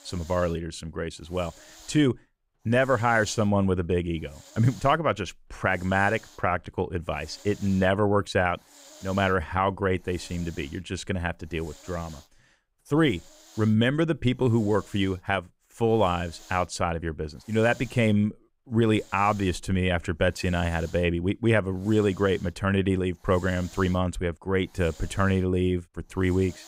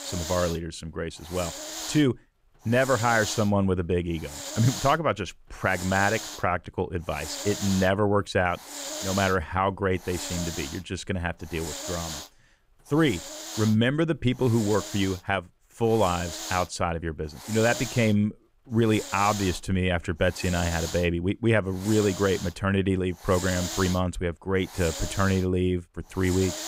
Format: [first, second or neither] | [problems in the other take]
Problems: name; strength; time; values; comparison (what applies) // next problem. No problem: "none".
first | hiss; loud; throughout; 9 dB below the speech; faint in the first